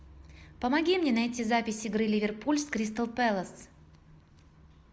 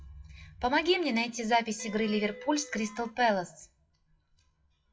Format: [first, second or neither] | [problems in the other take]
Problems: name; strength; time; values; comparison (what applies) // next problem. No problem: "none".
first | noise reduction (classical method WPE with log-MMSE)